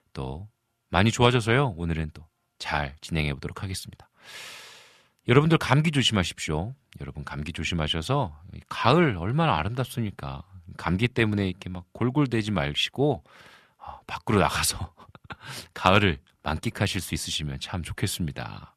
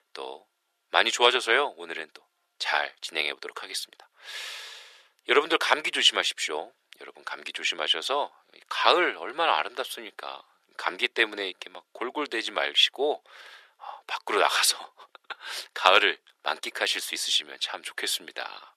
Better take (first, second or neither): first